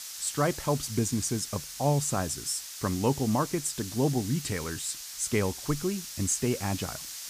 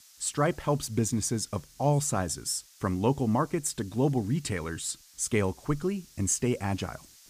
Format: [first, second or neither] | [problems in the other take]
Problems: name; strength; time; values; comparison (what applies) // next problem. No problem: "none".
second | hiss; loud; throughout; 8 dB below the speech; faint in the second